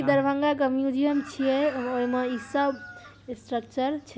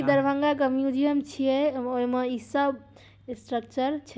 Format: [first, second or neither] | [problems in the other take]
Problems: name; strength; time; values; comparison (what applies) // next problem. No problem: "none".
second | background sound (Chicken, rooster); 18 dB below the speech